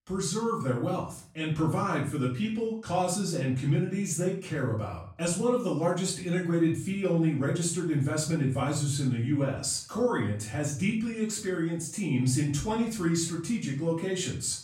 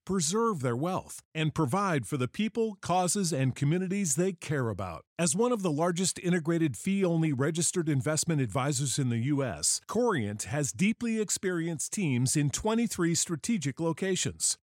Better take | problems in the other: second | room echo; slight; dies away in 0.4 s // off-mic speech; far

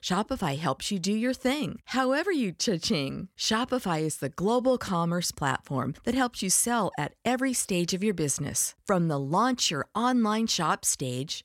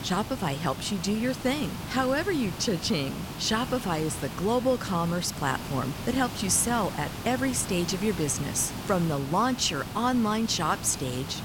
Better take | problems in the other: first | hiss; loud; throughout; 9 dB below the speech

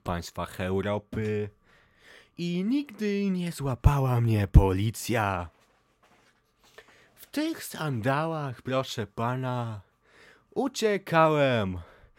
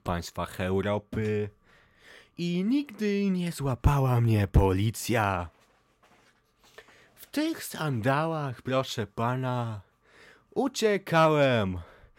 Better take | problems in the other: first | distortion; slight; 0.4% of the sound clipped

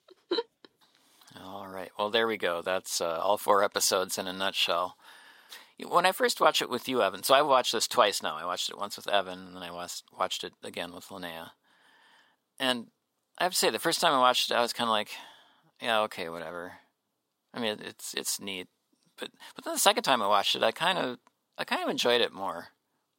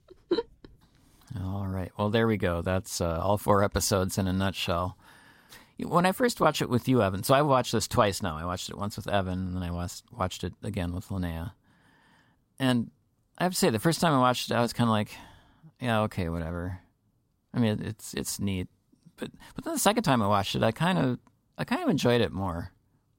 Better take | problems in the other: second | thin; somewhat; fading below 450 Hz

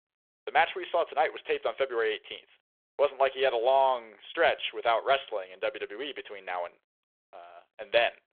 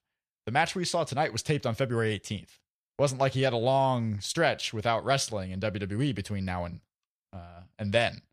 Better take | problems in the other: second | phone-call audio

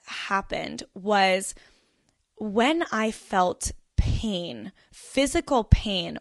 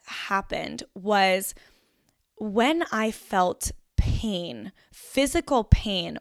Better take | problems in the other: second | garbled, watery; slightly; nothing above 10.5 kHz

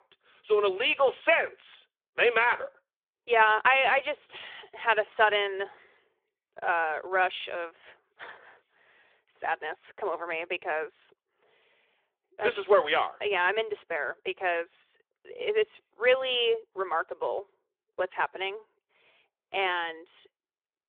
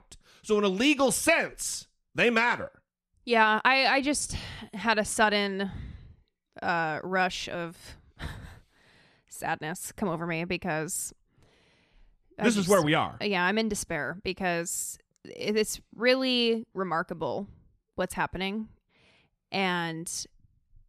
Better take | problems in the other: second | phone-call audio

